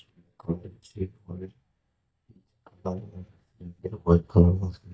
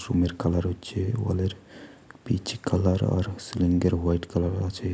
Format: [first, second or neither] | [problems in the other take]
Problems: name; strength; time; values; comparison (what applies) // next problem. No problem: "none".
second | noise reduction (neural mask model DeepFilterNet 3)